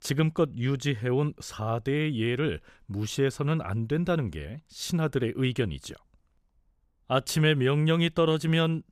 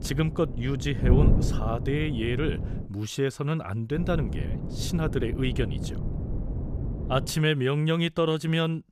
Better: first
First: none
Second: wind noise on the microphone; heavy; until 3 s and from 4 to 7.5 s; 10 dB below the speech

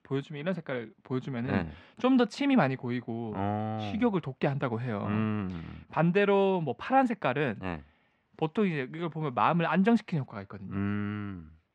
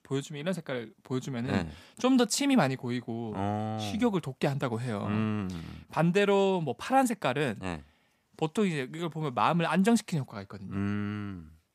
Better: second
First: muffled; slightly; fading above 2.5 kHz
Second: none

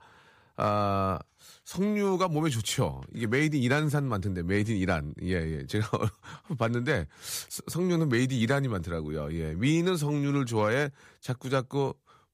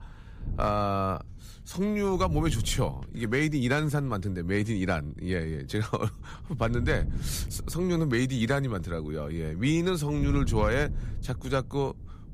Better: first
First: none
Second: wind noise on the microphone; occasional gusts; 20 dB below the speech

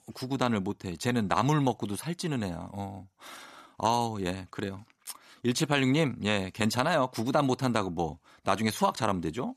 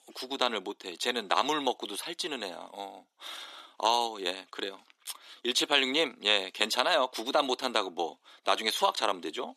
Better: first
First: none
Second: thin; somewhat; fading below 350 Hz

